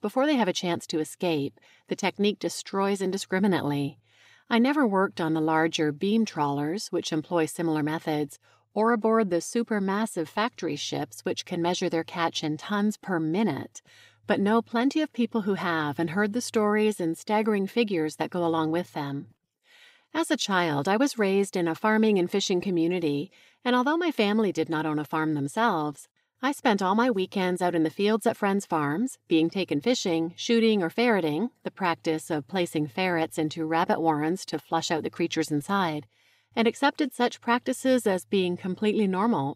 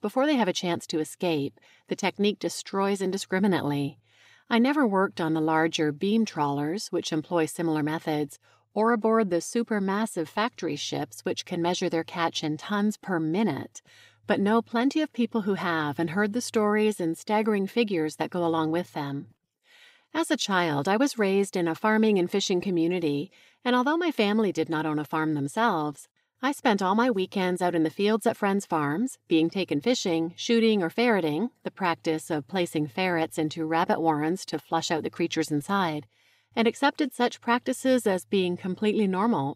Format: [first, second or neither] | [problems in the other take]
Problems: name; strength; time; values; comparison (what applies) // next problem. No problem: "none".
neither | none